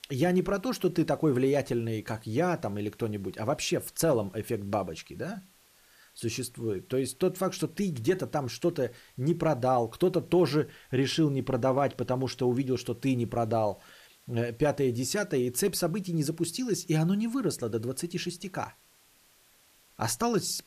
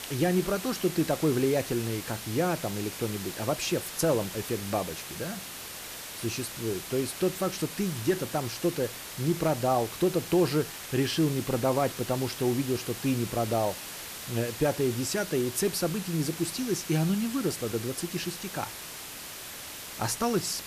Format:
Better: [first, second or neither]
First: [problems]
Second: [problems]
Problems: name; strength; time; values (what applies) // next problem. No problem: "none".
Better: first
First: hiss; faint; throughout; 30 dB below the speech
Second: hiss; loud; throughout; 8 dB below the speech